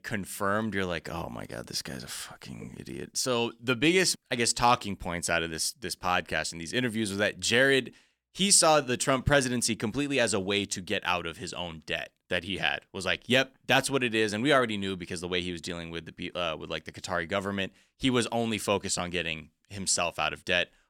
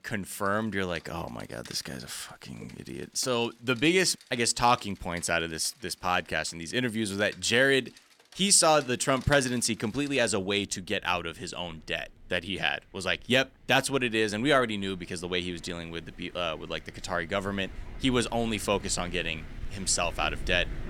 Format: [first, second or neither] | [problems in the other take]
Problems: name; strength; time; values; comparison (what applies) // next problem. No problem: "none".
first | rain or running water; faint; throughout; 20 dB below the speech